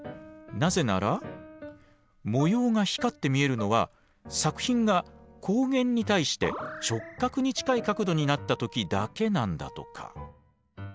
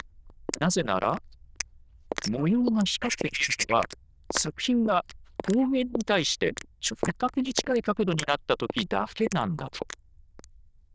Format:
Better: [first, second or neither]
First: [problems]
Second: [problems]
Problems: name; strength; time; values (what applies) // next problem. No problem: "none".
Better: first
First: none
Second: noise reduction (neural diffusion model UNIVERSE++)